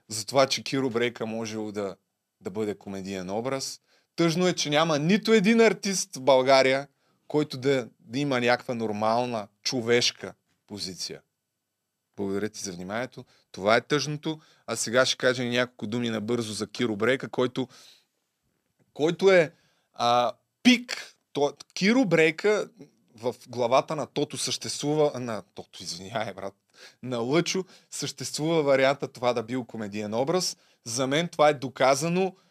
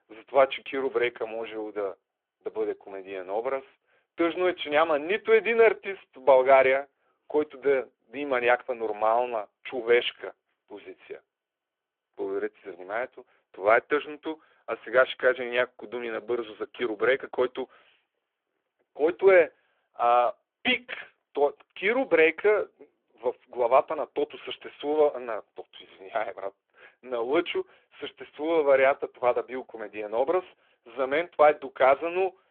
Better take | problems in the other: first | phone-call audio; nothing above 3.5 kHz

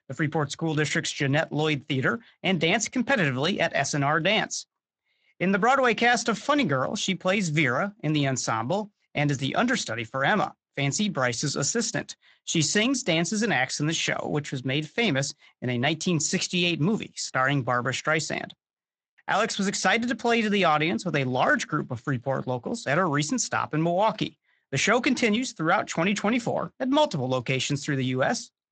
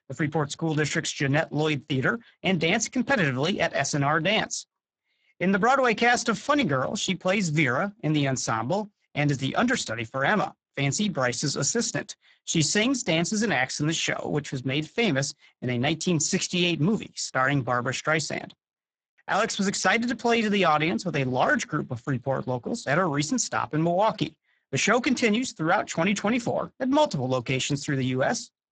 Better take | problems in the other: first | garbled, watery; badly; nothing above 7.5 kHz; slightly in the first

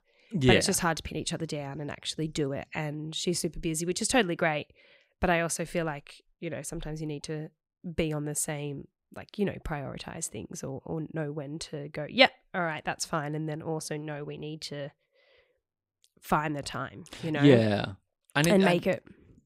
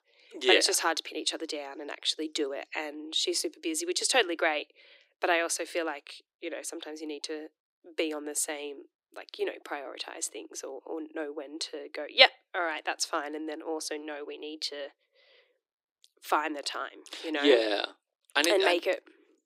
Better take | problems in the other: first | thin; somewhat; fading below 300 Hz

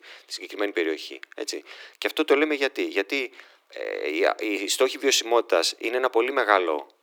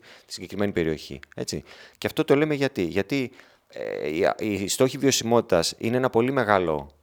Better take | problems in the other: second | thin; somewhat; fading below 300 Hz

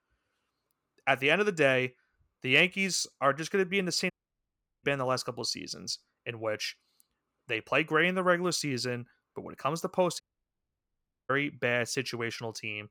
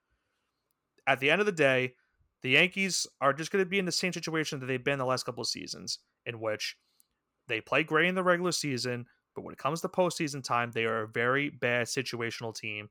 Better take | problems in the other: second | audio cutting out; at 4 s for 0.5 s and at 10 s for 1 s

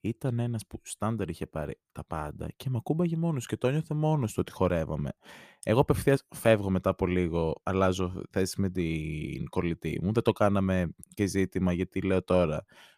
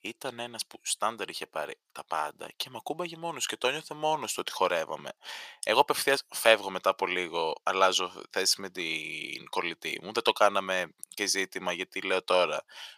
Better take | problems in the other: first | thin; very; fading below 750 Hz

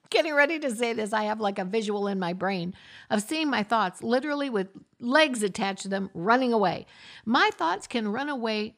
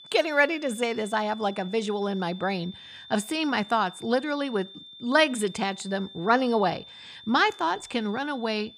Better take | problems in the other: first | high-pitched whine; noticeable; throughout; 3.5 kHz, 20 dB below the speech

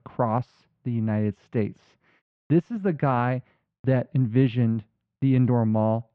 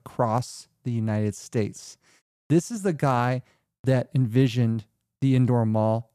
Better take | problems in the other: second | muffled; very; fading above 3 kHz

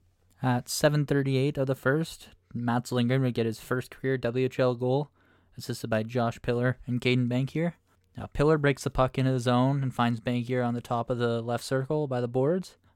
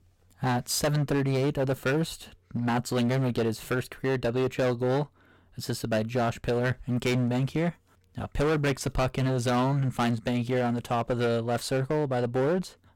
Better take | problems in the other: first | distortion; heavy; 16% of the sound clipped

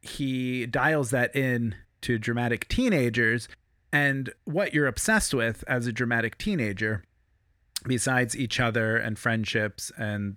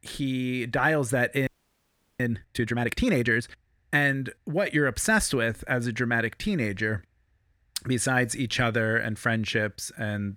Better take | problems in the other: first | audio freezing; at 1.5 s for 0.5 s

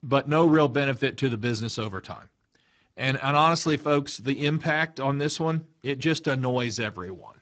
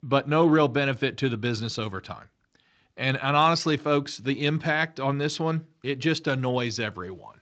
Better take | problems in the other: second | garbled, watery; badly; nothing above 7.5 kHz; slightly in the second

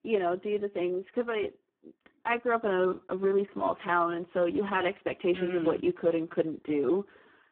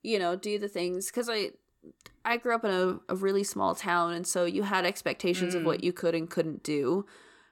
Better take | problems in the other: second | phone-call audio; poor line

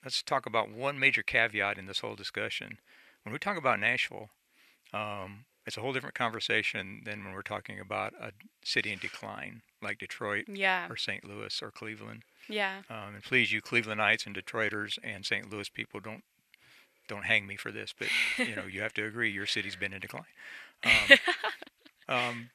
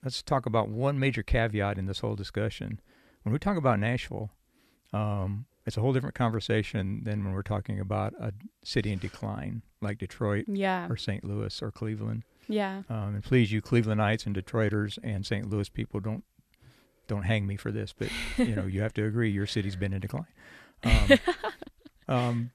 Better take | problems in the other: second | thin; somewhat; fading below 950 Hz

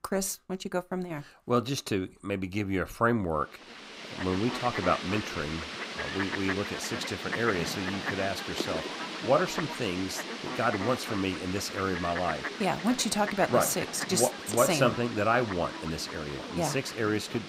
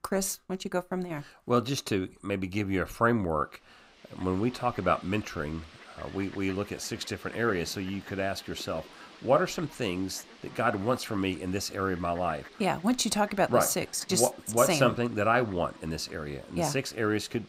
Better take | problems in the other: second | animal sounds; loud; from 4 s on; 6 dB below the speech; faint in the second

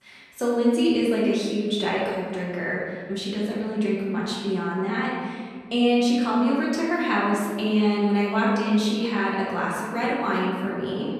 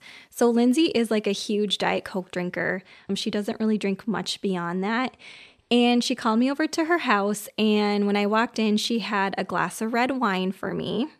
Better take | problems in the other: second | room echo; noticeable; dies away in 1.7 s // off-mic speech; far

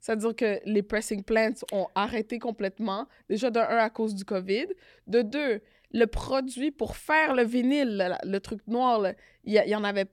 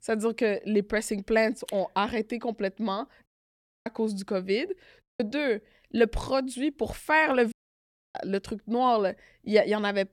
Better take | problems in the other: first | audio cutting out; at 3.5 s for 0.5 s, at 5 s and at 7.5 s for 0.5 s

